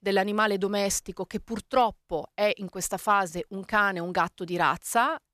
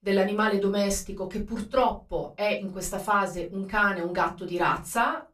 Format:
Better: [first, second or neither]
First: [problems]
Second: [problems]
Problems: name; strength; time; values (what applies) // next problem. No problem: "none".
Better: first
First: none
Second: off-mic speech; far // room echo; very slight; dies away in 0.2 s